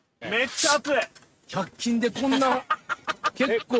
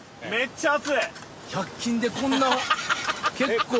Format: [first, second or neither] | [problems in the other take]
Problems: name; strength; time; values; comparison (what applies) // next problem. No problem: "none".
second | noise reduction (neural mask model RNNoise)